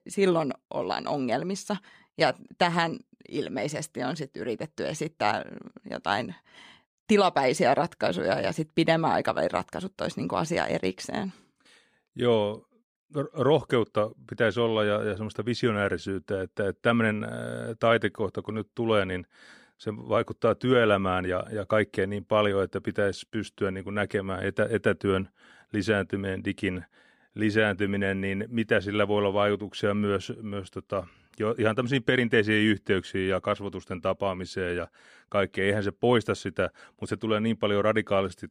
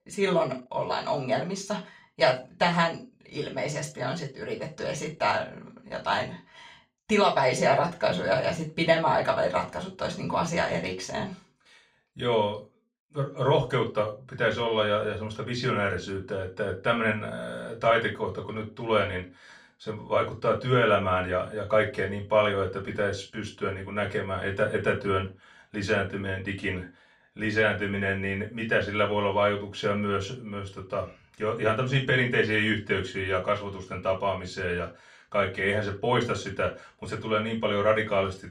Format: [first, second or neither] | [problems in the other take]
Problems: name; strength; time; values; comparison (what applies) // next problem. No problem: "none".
first | room echo; very slight; dies away in 0.2 s // off-mic speech; far